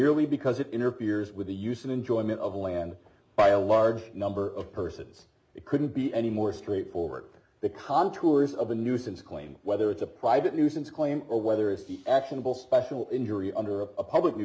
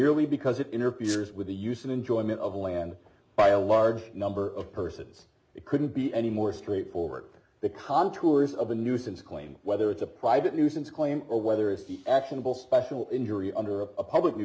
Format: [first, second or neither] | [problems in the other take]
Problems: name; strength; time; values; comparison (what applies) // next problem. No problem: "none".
first | background sound (Squeak); 14 dB below the speech